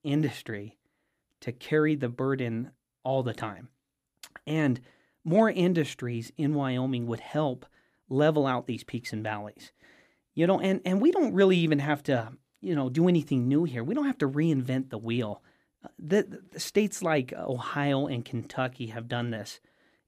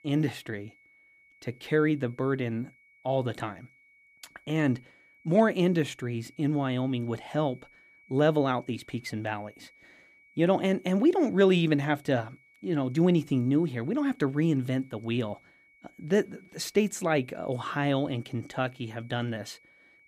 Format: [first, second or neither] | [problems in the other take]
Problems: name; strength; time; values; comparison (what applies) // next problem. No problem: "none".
first | high-pitched whine; faint; throughout; 2.5 kHz, 30 dB below the speech